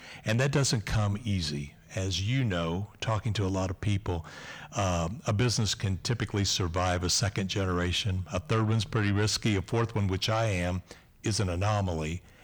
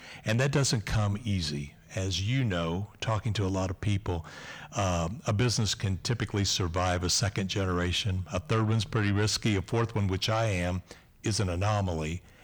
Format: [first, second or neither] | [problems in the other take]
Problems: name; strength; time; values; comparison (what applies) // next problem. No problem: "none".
neither | distortion; slight; 10 dB below the speech; the same in both